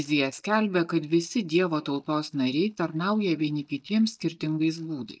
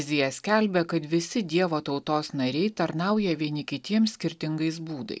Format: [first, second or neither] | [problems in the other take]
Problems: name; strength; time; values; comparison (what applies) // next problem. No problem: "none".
second | noise reduction (neural mask model DeepFilterNet 3)